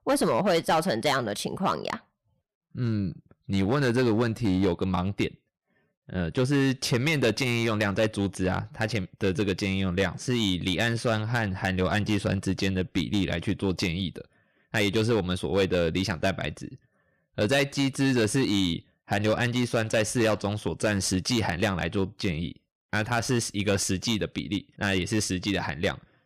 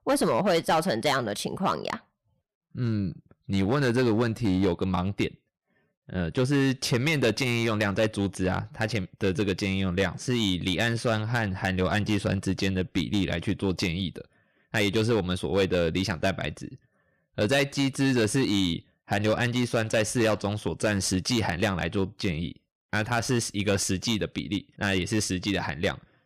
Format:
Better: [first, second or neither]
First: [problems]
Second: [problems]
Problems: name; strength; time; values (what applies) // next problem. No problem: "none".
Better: neither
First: distortion; slight; 6% of the sound clipped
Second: distortion; slight; 6% of the sound clipped